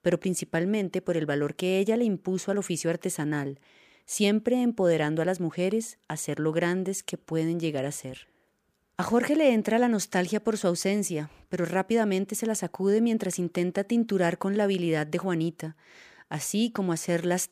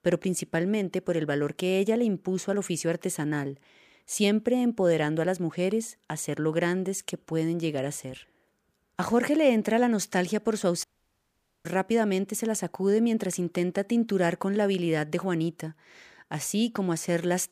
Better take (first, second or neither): first